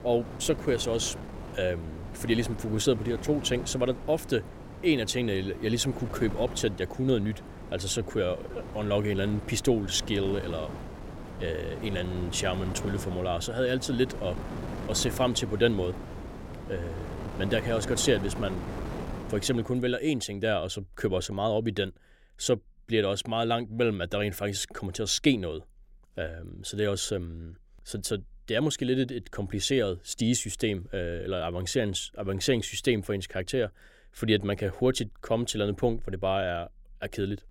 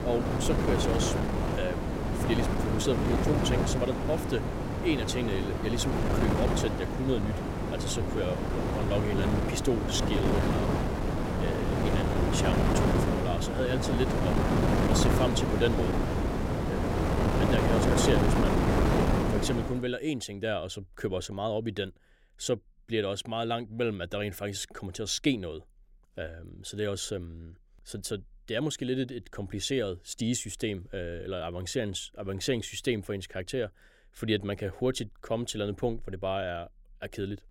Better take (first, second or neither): first